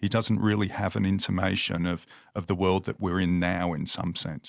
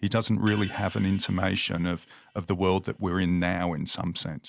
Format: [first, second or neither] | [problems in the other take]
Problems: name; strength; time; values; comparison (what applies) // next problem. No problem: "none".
first | background sound (Hi-hat); 20 dB below the speech